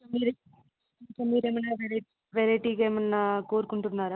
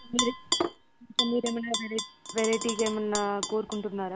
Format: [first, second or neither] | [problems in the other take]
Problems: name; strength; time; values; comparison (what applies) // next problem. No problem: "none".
first | background sound (Tap / Glass); 3 dB below the speech